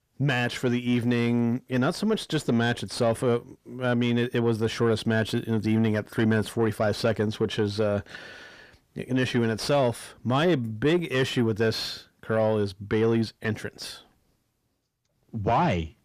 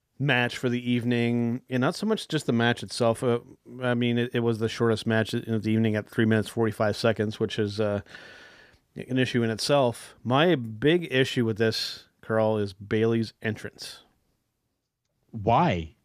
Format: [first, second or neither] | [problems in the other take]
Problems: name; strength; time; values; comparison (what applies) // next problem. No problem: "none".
second | distortion; slight; 10 dB below the speech